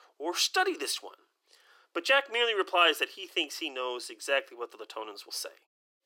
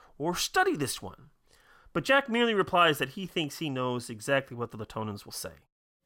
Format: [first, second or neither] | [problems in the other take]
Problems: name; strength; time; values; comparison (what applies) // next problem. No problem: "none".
second | thin; very; fading below 350 Hz